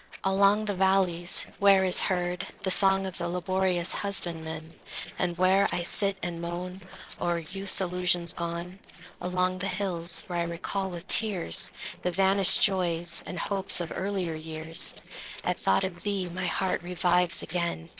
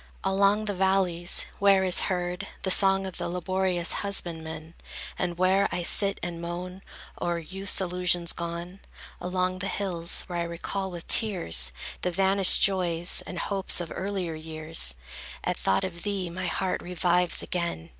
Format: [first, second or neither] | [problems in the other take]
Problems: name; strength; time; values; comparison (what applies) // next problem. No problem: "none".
second | noise reduction (neural separator model SepFormer DNS4)